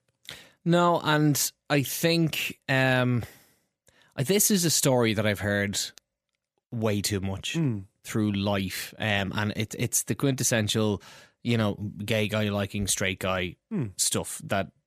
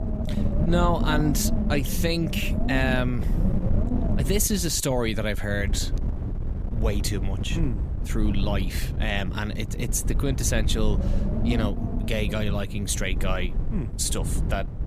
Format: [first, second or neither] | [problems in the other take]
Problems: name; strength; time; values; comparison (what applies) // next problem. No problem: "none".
first | wind noise on the microphone; heavy; 9 dB below the speech